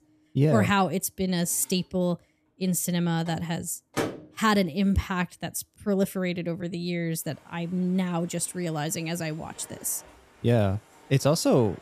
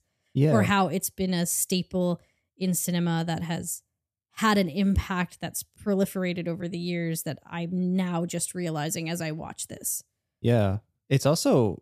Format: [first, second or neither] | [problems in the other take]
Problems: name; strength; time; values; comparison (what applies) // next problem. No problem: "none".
second | household noises; noticeable; throughout; 15 dB below the speech